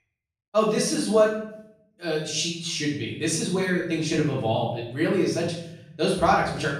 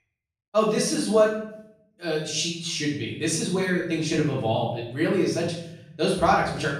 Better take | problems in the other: neither | room echo; noticeable; dies away in 0.7 s; the same in both // off-mic speech; far; the same in both

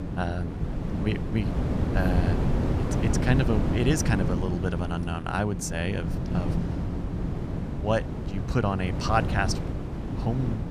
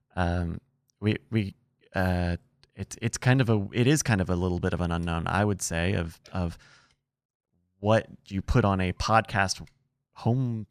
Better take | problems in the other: second | wind noise on the microphone; heavy; 5 dB below the speech

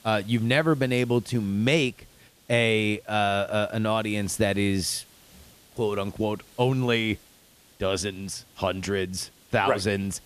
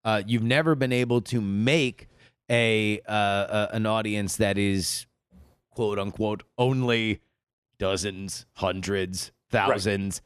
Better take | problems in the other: second | hiss; faint; throughout; 25 dB below the speech

